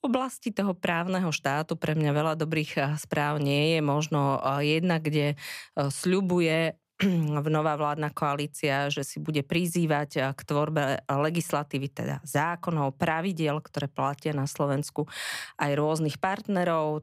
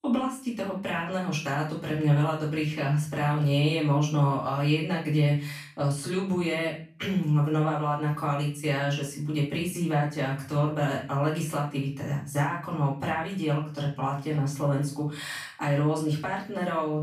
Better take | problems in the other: first | off-mic speech; far // room echo; noticeable; dies away in 0.4 s

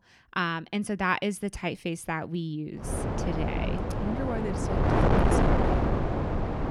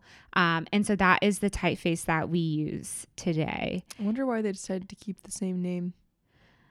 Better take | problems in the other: second | wind noise on the microphone; heavy; from 3 s on; 2 dB above the speech

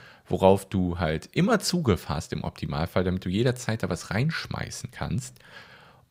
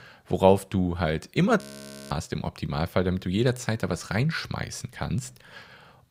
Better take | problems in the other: first | audio freezing; at 1.5 s

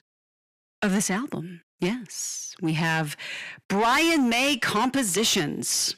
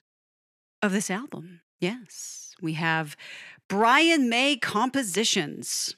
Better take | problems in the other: second | distortion; heavy; 7 dB below the speech

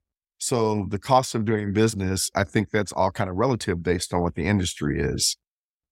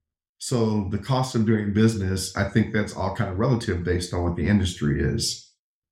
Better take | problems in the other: first | room echo; very slight; dies away in 0.3 s

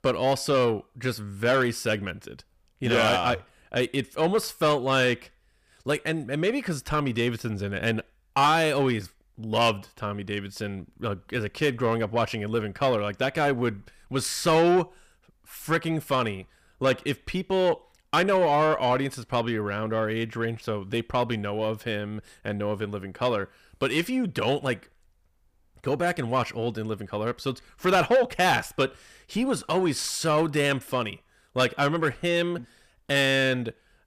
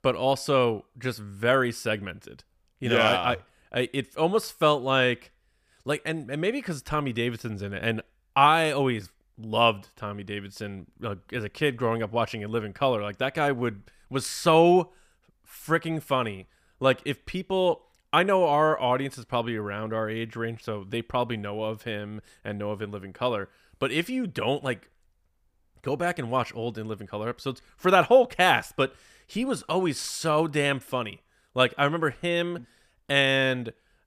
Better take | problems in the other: second | distortion; slight; 10 dB below the speech

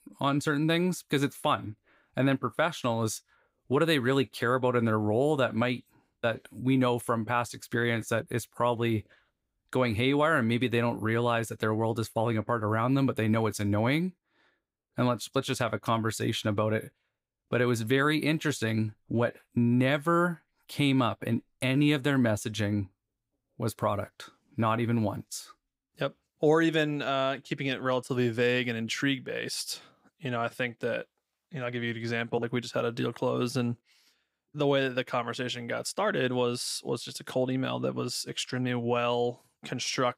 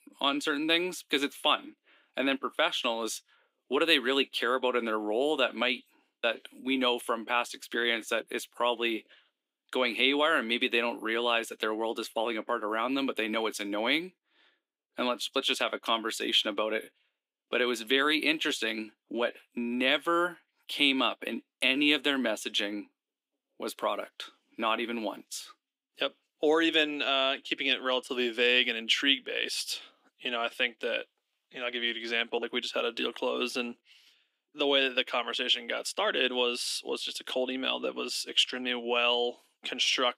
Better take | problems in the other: first | thin; very slightly; fading below 250 Hz

